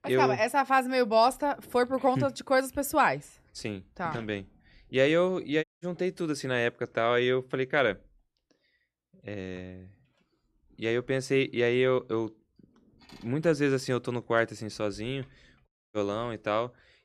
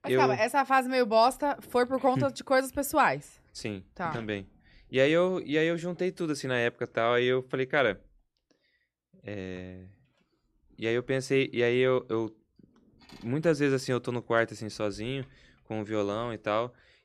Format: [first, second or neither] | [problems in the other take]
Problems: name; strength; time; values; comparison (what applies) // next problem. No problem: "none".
second | audio cutting out; at 5.5 s and at 16 s